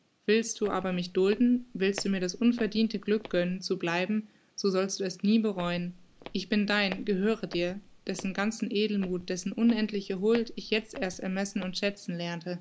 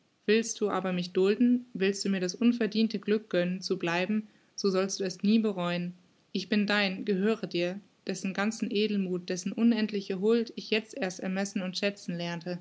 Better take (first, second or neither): second